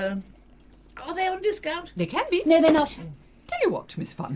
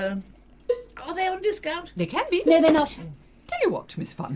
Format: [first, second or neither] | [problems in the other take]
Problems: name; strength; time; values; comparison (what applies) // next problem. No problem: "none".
first | background sound (Cowbell); 9 dB below the speech